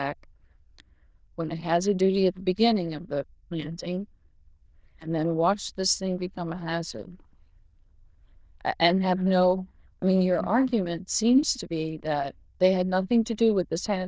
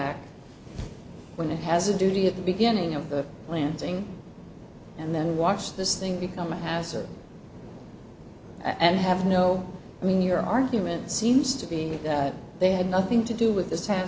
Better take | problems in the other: second | noise reduction (neural diffusion model UNIVERSE++)

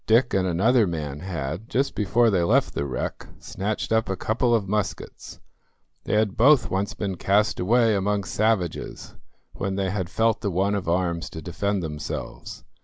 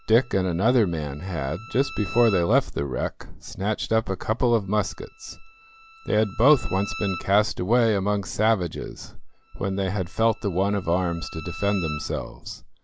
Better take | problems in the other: first | background sound (Bowed string instrument); 18 dB below the speech

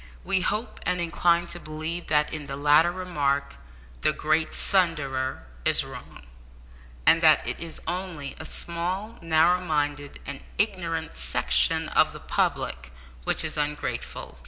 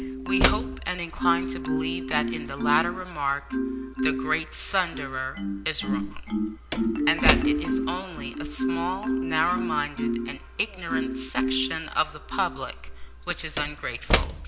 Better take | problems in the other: first | background sound (Slam / Wood + Marimba, xylophone); 2 dB above the speech

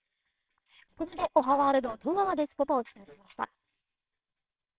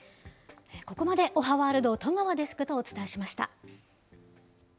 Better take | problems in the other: second | noise reduction (neural separator model SepFormer WHAMR!)

